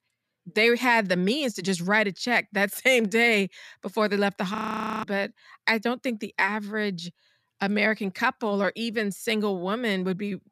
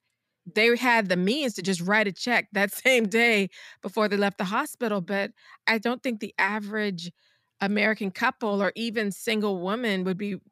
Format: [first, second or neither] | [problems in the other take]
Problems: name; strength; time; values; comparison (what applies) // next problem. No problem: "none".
second | audio freezing; at 4.5 s